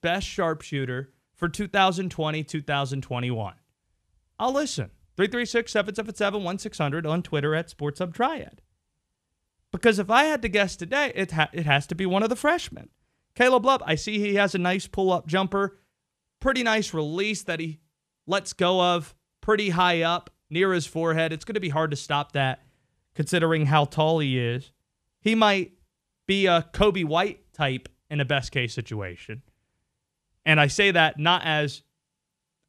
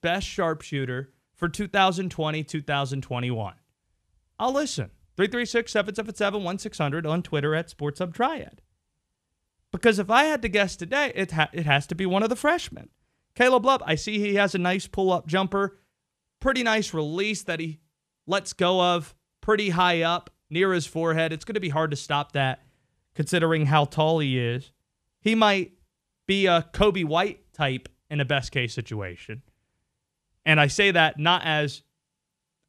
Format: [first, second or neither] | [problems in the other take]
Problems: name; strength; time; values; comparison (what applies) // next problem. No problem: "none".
neither | none